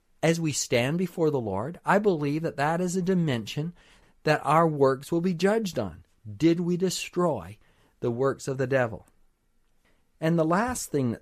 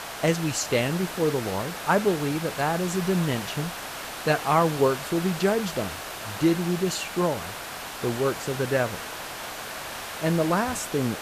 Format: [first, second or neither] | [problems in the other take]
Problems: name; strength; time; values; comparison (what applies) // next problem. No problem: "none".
first | hiss; loud; throughout; 8 dB below the speech